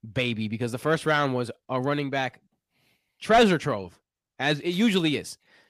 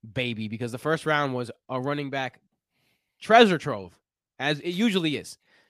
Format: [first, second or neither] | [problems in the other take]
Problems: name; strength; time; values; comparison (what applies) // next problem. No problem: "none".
second | distortion; slight; 10 dB below the speech